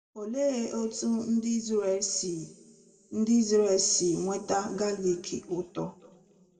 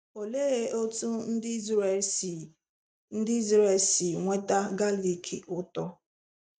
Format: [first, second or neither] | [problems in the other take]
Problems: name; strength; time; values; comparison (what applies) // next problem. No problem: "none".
second | room echo; dies away in 1.9 s